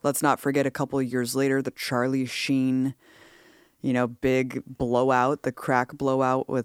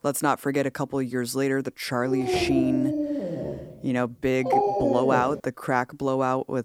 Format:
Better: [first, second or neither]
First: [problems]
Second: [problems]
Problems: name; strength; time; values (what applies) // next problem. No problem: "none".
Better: first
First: none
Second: dog barking; loud; from 2 to 5.5 s; peak 4 dB above the speech